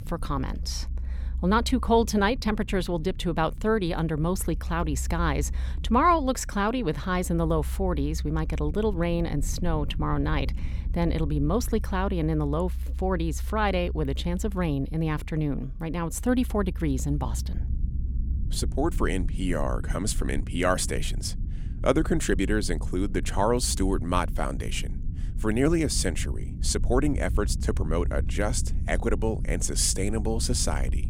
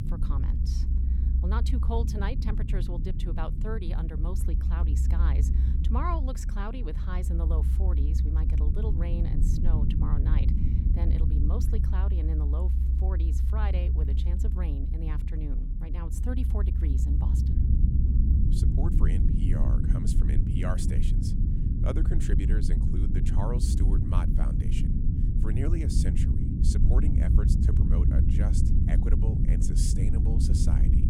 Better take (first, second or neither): first